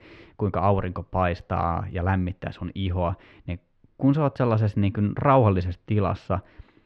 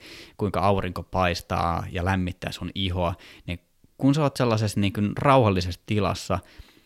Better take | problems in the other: second | muffled; very; fading above 2 kHz

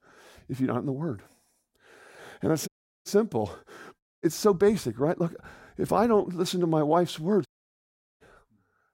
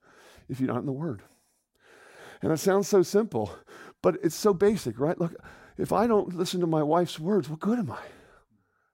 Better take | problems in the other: second | audio cutting out; at 2.5 s, at 4 s and at 7.5 s for 0.5 s

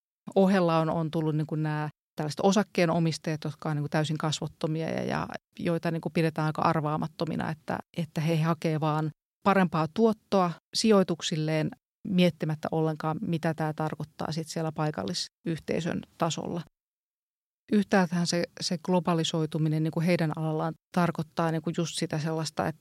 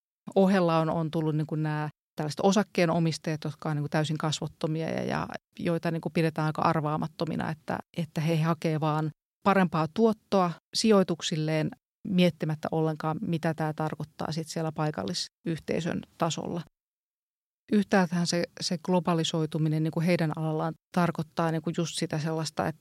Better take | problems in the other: neither | none

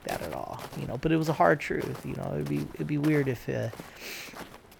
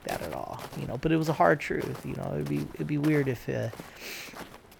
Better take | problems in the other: neither | footsteps; faint; peak 10 dB below the speech; the same in both

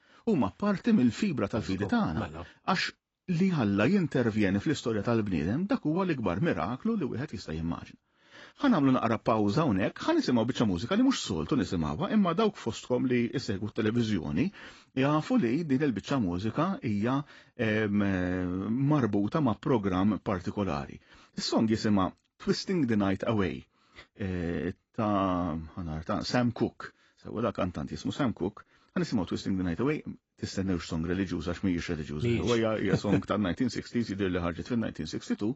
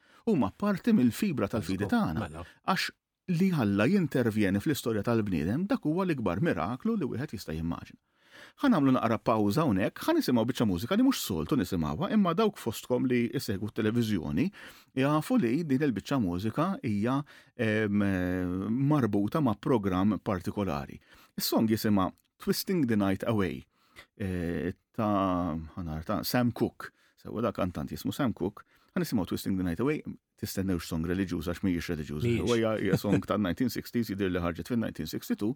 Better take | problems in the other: second | garbled, watery; badly; nothing above 7.5 kHz

